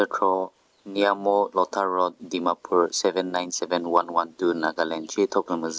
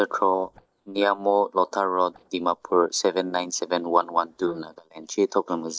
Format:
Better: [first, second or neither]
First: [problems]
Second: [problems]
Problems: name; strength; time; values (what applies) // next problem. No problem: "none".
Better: first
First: none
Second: noise reduction (neural mask model DeepFilterNet 3)